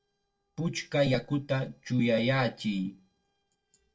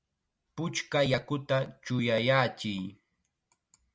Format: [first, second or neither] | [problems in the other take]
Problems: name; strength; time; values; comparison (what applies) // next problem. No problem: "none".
second | noise reduction (neural separator model SepFormer DNS4)